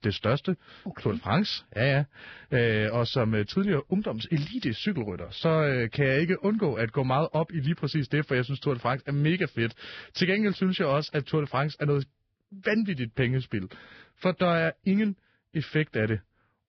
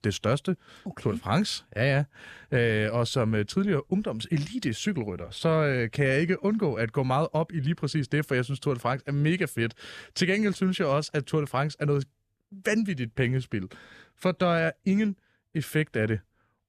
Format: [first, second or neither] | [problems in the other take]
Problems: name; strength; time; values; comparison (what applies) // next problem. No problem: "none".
second | garbled, watery; badly; nothing above 5.5 kHz